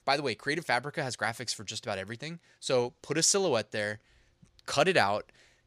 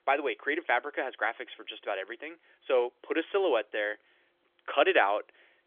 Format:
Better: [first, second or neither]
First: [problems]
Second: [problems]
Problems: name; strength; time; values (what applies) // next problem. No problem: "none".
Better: first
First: none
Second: phone-call audio; nothing above 3.5 kHz